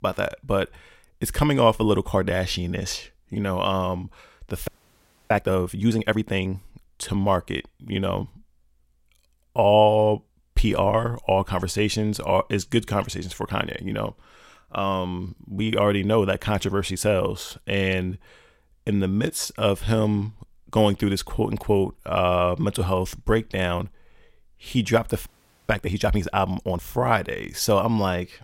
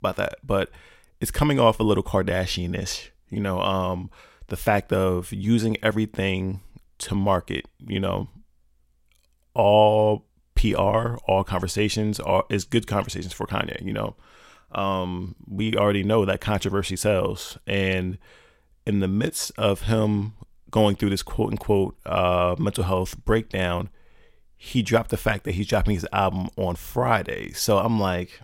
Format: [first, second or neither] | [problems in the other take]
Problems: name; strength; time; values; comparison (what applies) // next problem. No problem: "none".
second | audio freezing; at 4.5 s for 0.5 s and at 25 s